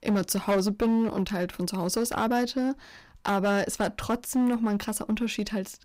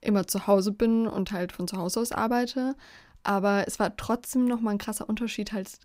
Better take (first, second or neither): second